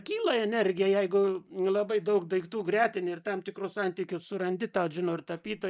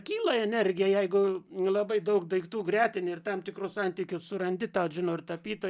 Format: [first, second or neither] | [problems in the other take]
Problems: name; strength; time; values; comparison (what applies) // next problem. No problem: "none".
second | noise reduction (neural mask model Resemble Enhance denoiser)